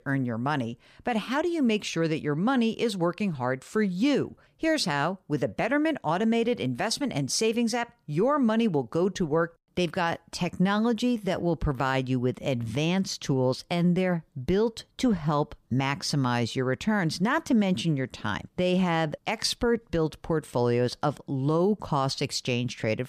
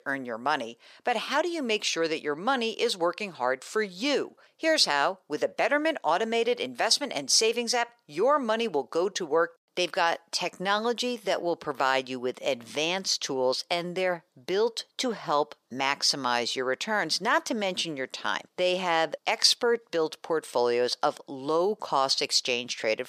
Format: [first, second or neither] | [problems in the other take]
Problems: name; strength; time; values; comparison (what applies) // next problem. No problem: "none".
first | thin; somewhat; fading below 500 Hz